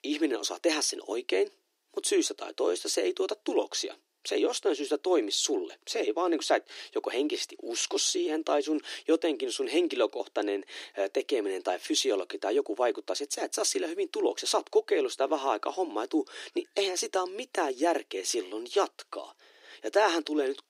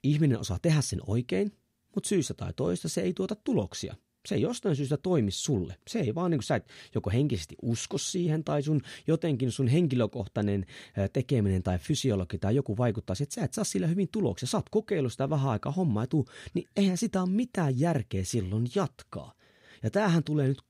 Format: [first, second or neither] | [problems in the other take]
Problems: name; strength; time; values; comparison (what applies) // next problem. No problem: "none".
second | thin; very; fading below 300 Hz